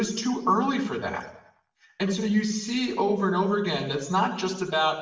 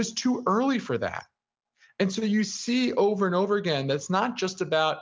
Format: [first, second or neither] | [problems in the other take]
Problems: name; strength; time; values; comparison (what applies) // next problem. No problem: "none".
second | room echo; dies away in 0.8 s